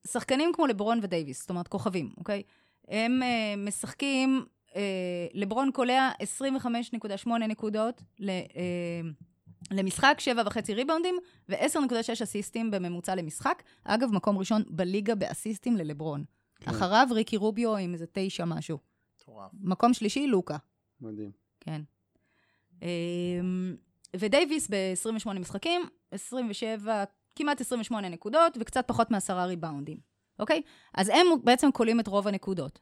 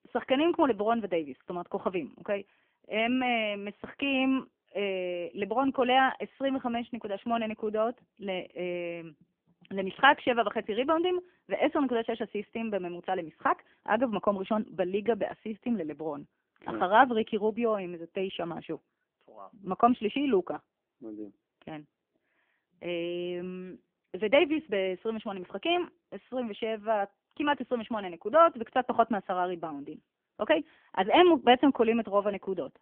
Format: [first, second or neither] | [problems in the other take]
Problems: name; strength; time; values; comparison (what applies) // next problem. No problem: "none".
first | phone-call audio; poor line; nothing above 3 kHz